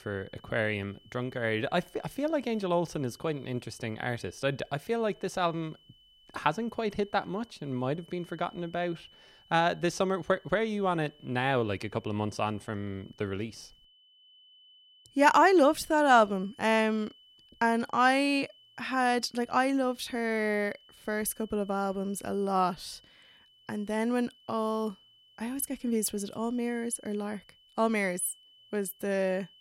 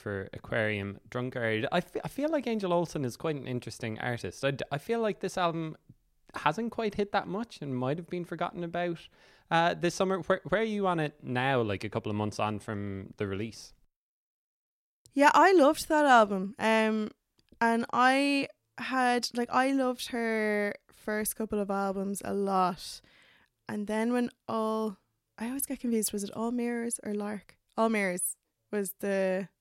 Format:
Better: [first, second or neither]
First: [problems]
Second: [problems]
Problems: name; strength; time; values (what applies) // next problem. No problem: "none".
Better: second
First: high-pitched whine; faint; throughout; 3 kHz, 30 dB below the speech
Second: none